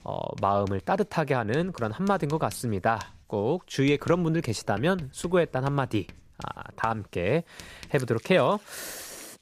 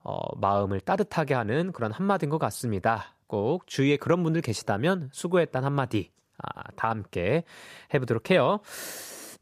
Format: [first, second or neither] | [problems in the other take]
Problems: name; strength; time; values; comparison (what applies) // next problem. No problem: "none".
second | household noises; faint; throughout; 20 dB below the speech